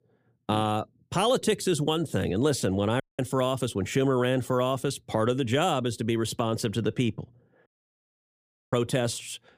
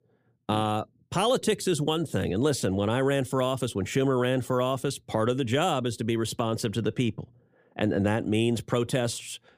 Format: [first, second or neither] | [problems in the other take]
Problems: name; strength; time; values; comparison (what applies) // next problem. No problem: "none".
second | audio cutting out; at 3 s and at 7.5 s for 1 s